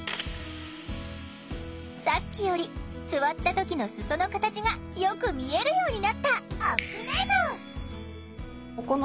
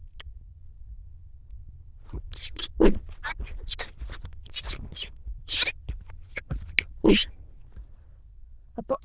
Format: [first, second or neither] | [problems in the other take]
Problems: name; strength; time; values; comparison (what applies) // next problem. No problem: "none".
first | noise reduction (neural diffusion model UNIVERSE++)